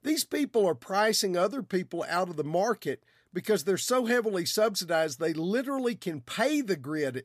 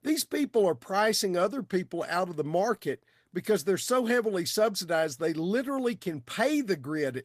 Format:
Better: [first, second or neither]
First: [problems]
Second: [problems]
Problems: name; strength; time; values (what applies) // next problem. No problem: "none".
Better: first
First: none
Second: garbled, watery; slightly; nothing above 14.5 kHz